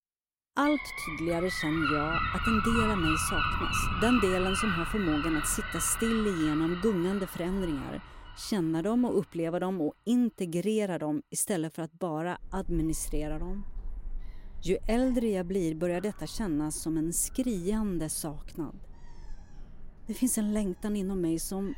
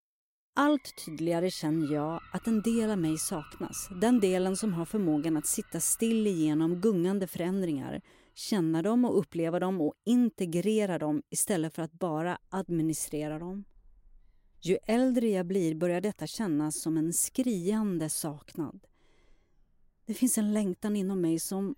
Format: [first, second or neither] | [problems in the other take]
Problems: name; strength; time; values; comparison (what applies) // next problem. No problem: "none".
second | animal sounds; loud; throughout; 3 dB below the speech; faint in the second